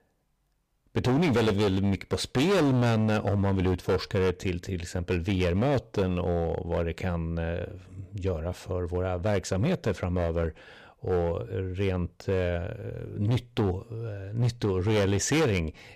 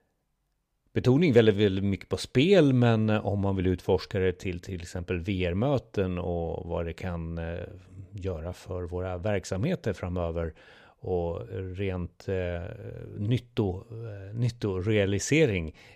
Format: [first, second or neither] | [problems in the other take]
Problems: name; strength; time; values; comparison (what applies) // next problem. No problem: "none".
second | distortion; heavy; 11% of the sound clipped